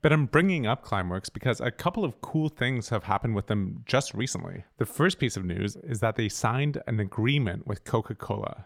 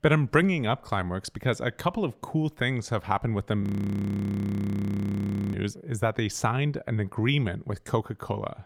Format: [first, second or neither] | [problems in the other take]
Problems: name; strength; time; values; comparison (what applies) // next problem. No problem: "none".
first | audio freezing; at 3.5 s for 2 s